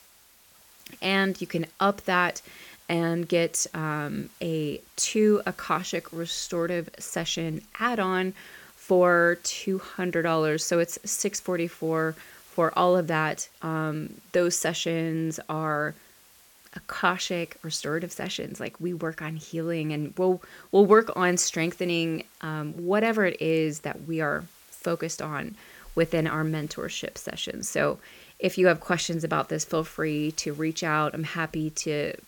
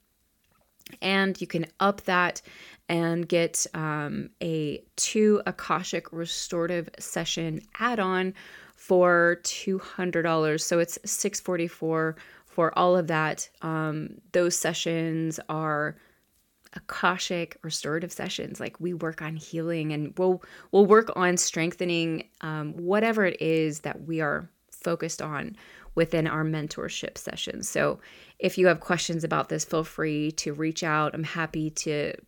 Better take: second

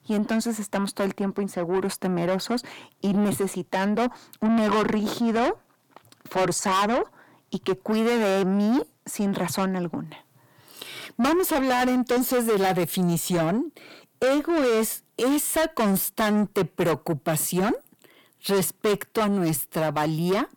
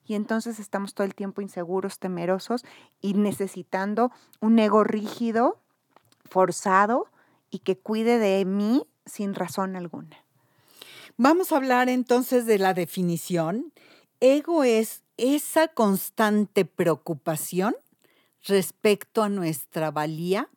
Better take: second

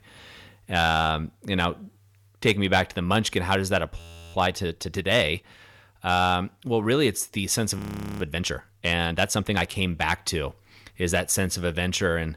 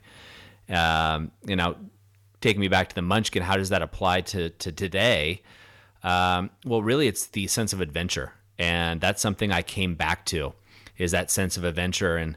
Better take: second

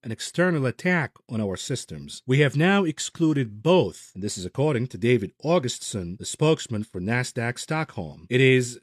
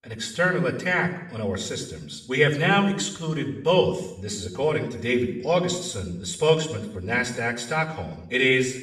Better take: first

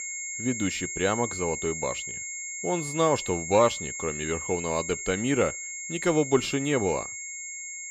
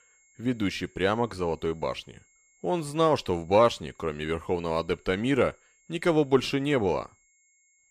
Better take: second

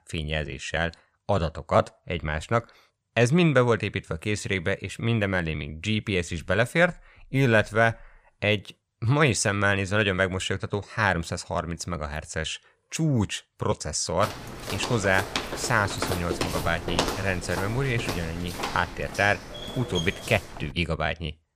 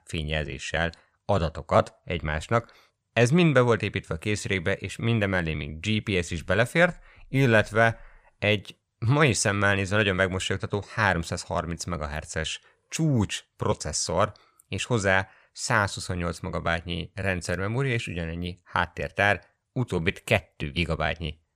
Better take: second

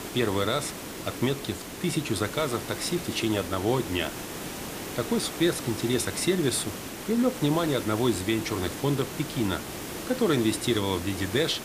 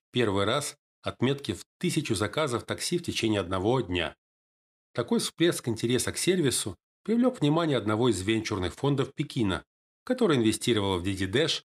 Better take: second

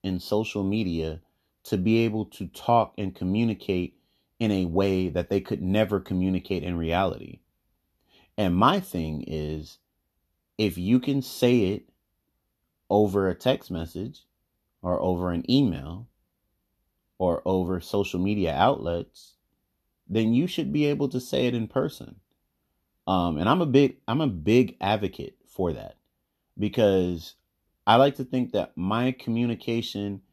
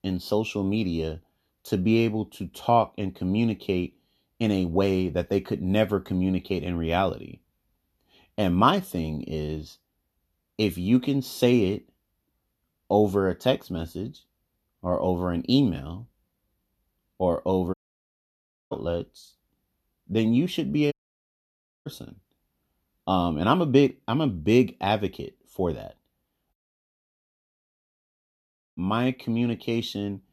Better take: first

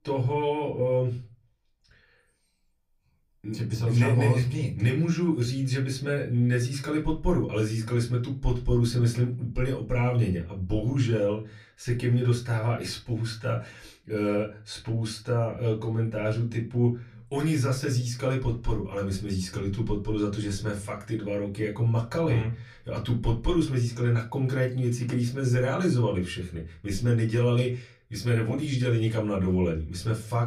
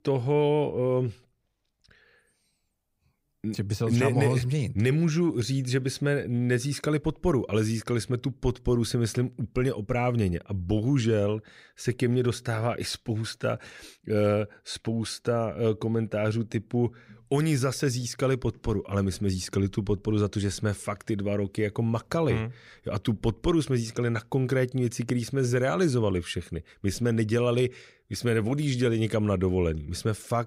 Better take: second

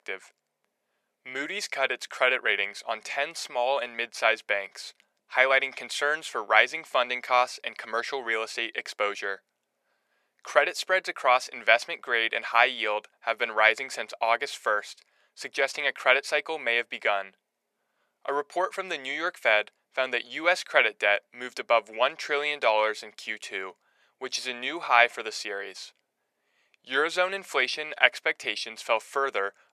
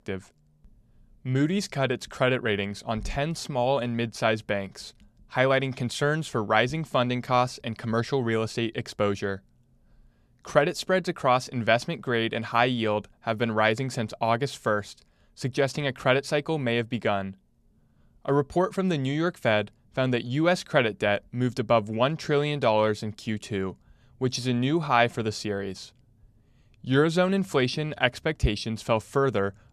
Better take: second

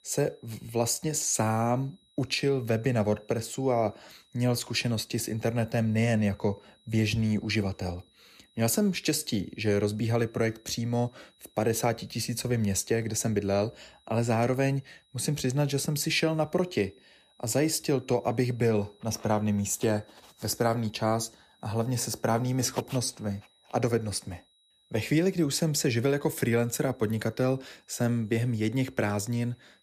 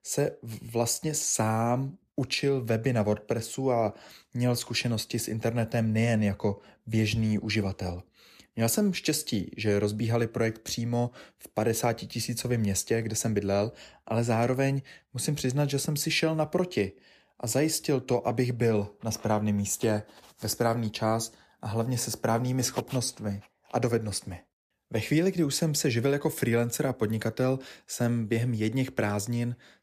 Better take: second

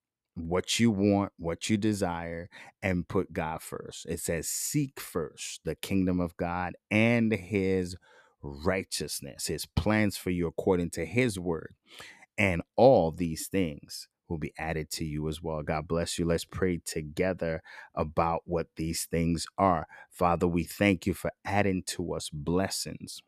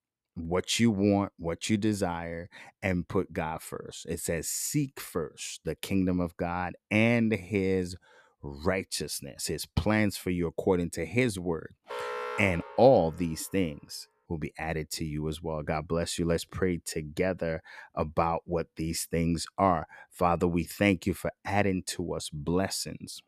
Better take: first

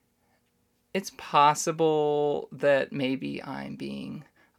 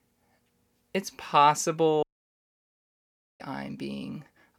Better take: first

